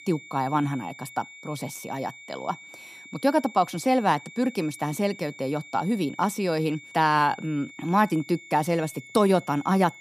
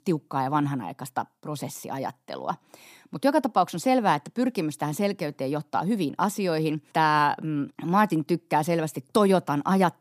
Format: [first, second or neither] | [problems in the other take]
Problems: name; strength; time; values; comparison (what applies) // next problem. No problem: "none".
second | high-pitched whine; noticeable; throughout; 2.5 kHz, 20 dB below the speech